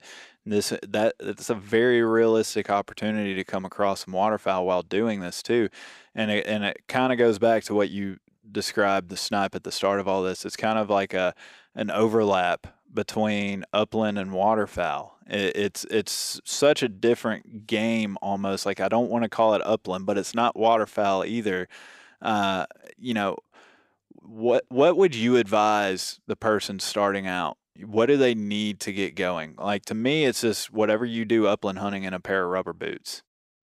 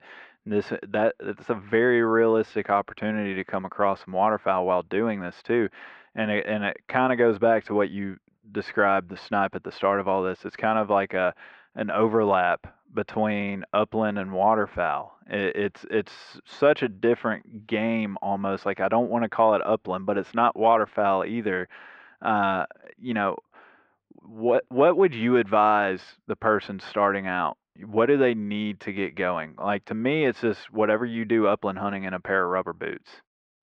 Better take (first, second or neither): first